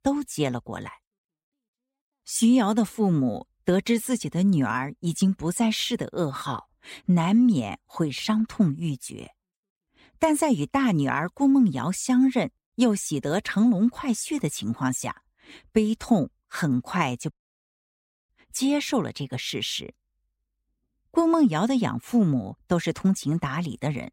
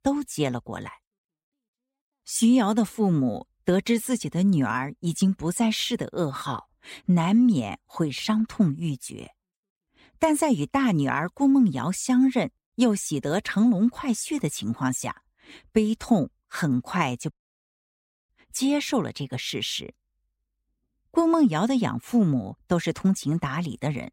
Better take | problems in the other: neither | audio cutting out; at 17 s for 1 s; the same in both

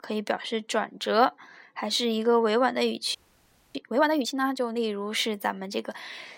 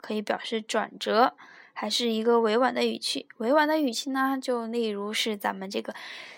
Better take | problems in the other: second | audio freezing; at 3 s for 0.5 s

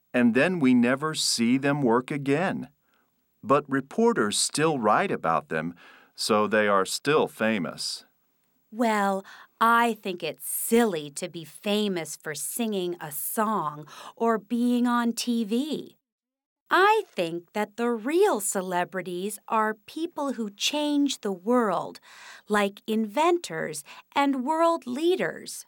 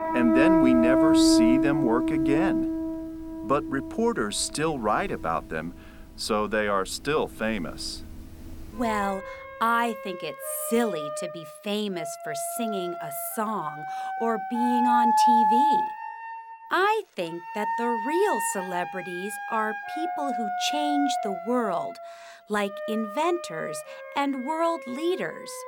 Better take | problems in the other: first | background music; very loud; throughout; 2 dB above the speech

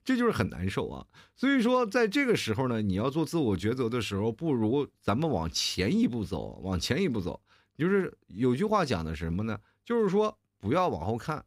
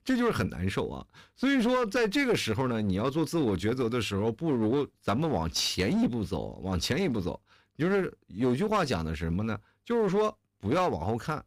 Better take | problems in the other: first | distortion; slight; 9% of the sound clipped

